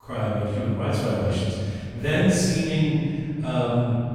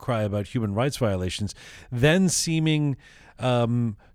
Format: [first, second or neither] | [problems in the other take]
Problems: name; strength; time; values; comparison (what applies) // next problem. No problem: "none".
second | room echo; strong; dies away in 2.4 s // off-mic speech; far